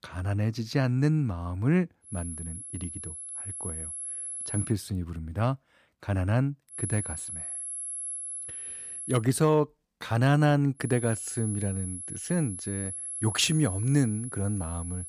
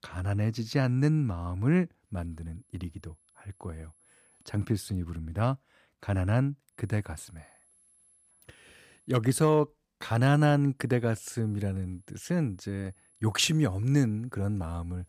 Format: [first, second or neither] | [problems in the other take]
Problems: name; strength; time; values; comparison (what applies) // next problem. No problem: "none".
second | high-pitched whine; loud; from 2 to 4.5 s, from 7 to 9 s and from 11 s on; 11 kHz, 7 dB below the speech; faint in the second